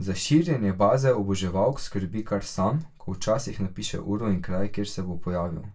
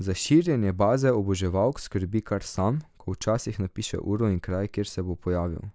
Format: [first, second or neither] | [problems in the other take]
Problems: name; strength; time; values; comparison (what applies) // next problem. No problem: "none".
second | room echo; dies away in 0.2 s